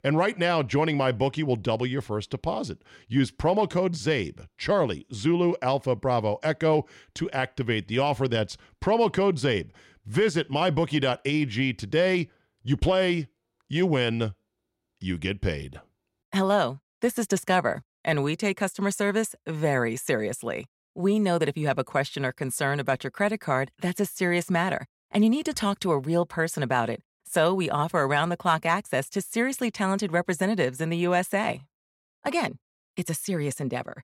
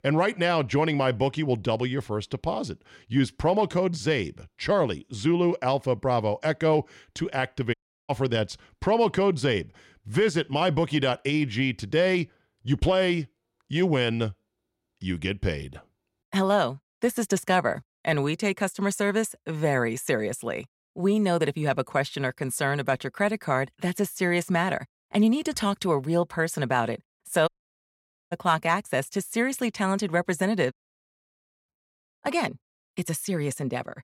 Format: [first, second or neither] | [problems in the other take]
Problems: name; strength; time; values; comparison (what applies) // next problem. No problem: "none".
first | audio cutting out; at 7.5 s, at 27 s for 1 s and at 31 s for 1 s